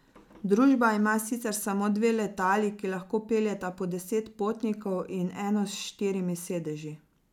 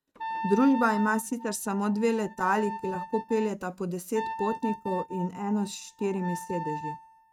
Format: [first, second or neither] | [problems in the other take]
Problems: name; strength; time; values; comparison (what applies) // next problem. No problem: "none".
first | noise reduction (neural mask model RNNoise)